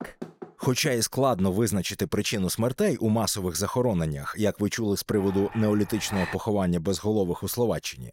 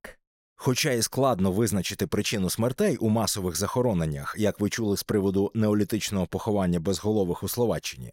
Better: second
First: door banging; faint; at the start; peak 15 dB below the speech // clattering dishes; noticeable; from 5 to 6.5 s; peak 8 dB below the speech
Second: none

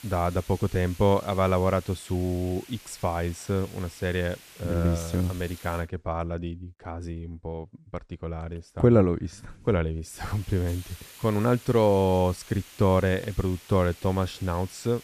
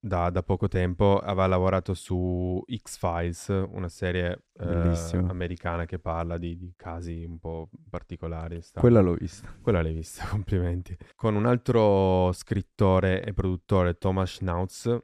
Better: second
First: hiss; noticeable; until 6 s and from 10 s on; 20 dB below the speech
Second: none

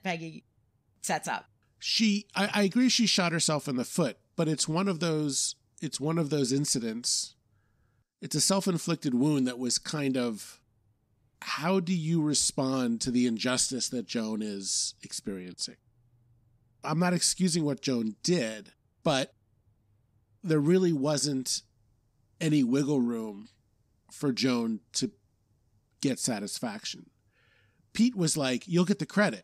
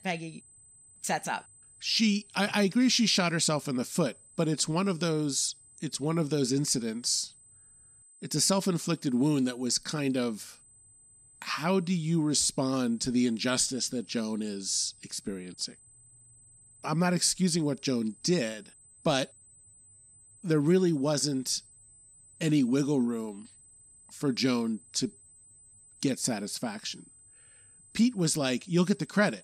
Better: first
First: none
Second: high-pitched whine; faint; throughout; 8 kHz, 25 dB below the speech

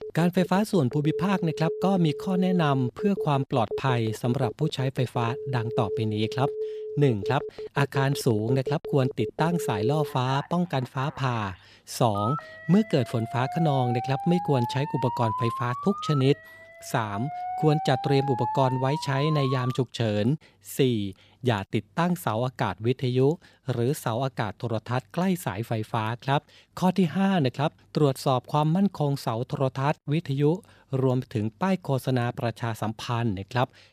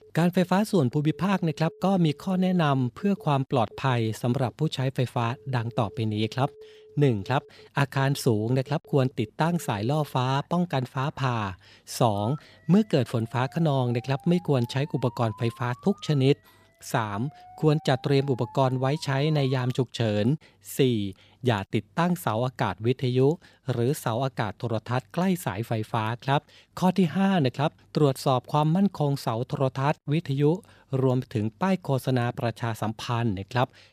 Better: second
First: alarms or sirens; loud; until 20 s; 7 dB below the speech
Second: alarms or sirens; faint; until 20 s; 25 dB below the speech

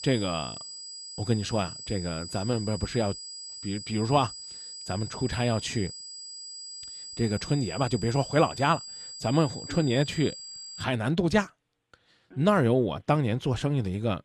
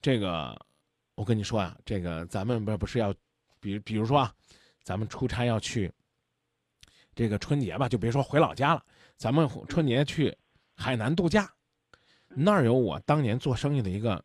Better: second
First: high-pitched whine; noticeable; until 11 s; 5 kHz, 10 dB below the speech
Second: none

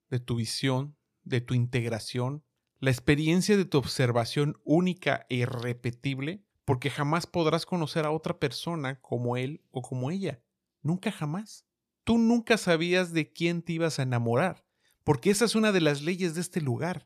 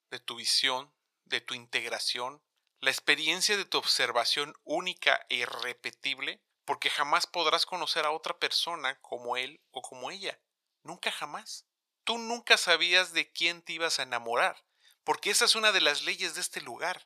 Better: first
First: none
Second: thin; very; fading below 900 Hz

